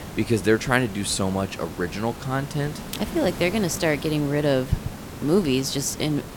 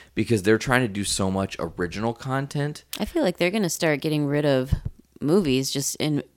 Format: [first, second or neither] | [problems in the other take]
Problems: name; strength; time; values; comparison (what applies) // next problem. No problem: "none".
second | hiss; noticeable; throughout; 10 dB below the speech